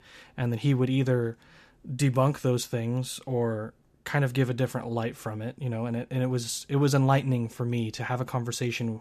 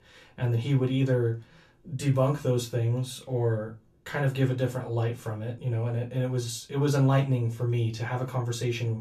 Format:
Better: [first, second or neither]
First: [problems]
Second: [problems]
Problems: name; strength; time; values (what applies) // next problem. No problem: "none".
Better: first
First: none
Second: off-mic speech; somewhat distant // room echo; very slight; dies away in 0.2 s